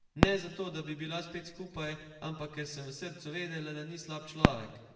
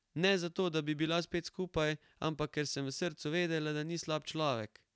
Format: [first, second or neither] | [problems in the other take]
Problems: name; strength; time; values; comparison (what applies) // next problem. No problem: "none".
second | background sound (Fireworks); 3 dB above the speech // room echo; dies away in 1 s